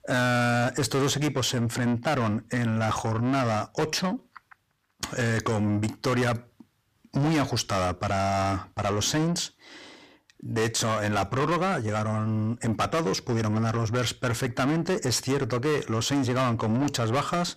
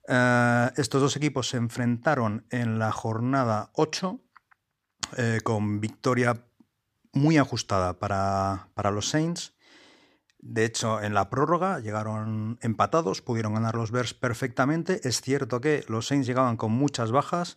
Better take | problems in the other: second | distortion; heavy; 6 dB below the speech

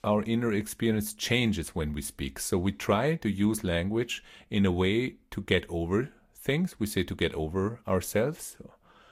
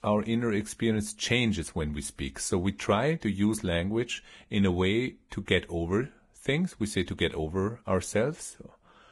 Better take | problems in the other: first | garbled, watery; badly; nothing above 10.5 kHz; slightly in the first

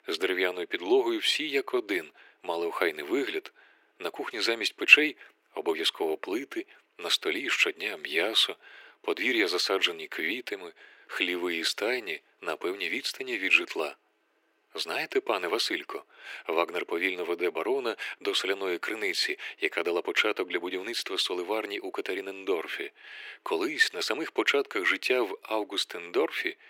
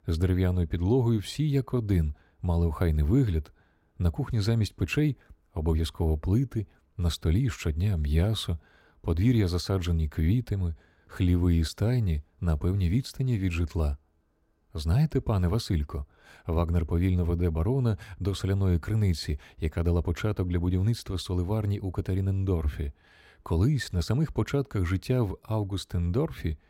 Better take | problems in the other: second | thin; very; fading below 350 Hz

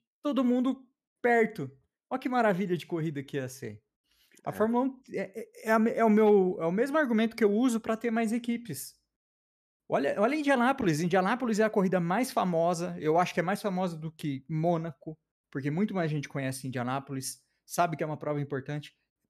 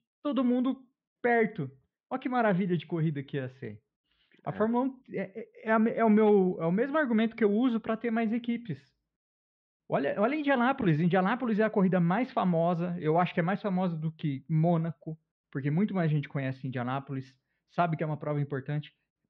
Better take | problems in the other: first | muffled; very; fading above 3.5 kHz

